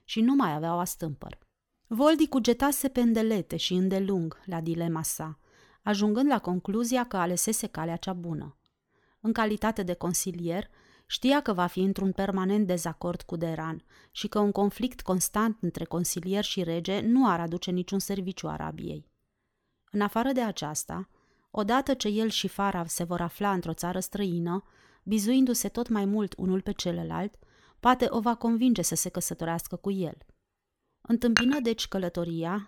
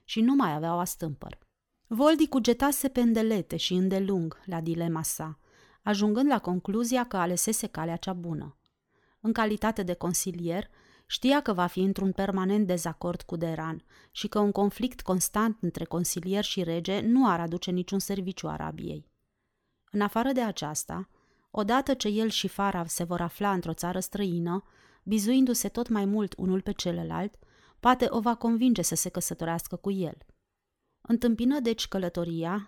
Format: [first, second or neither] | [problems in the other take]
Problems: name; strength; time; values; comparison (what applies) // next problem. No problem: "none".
second | clattering dishes; loud; at 31 s; peak 1 dB above the speech